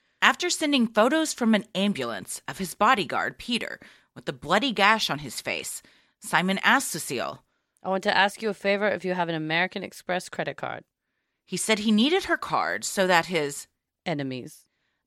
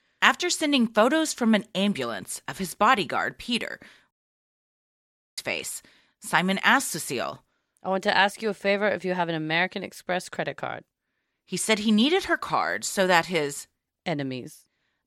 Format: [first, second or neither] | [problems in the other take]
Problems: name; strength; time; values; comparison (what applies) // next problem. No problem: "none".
first | audio cutting out; at 4 s for 1.5 s